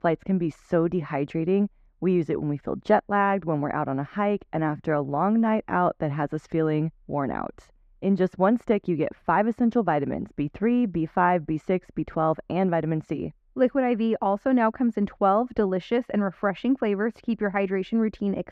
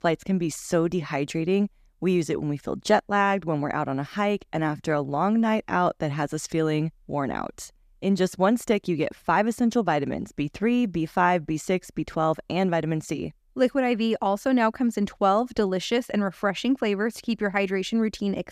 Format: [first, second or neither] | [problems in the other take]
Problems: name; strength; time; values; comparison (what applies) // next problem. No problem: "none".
second | muffled; very; fading above 3.5 kHz